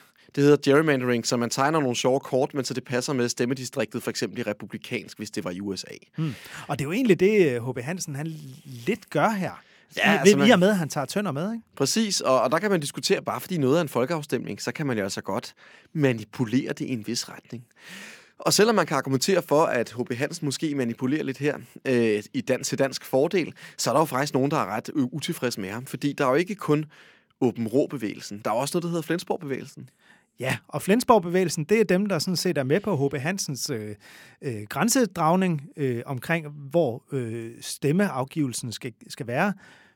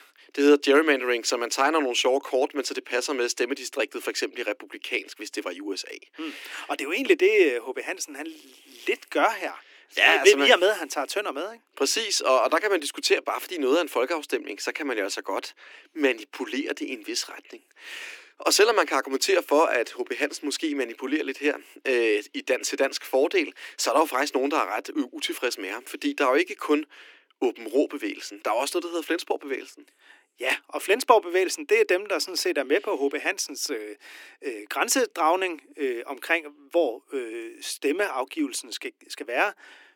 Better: first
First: none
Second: thin; somewhat; fading below 300 Hz

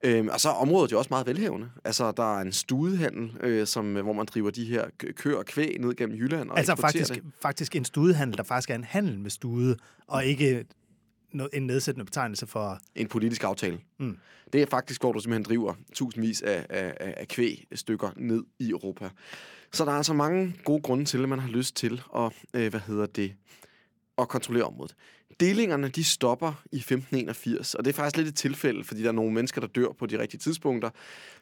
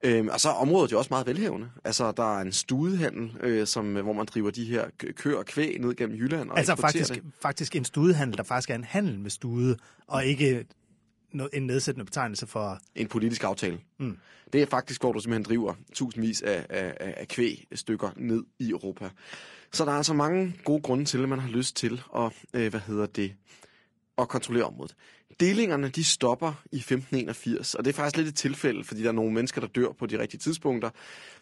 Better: first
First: none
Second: garbled, watery; slightly; nothing above 10.5 kHz

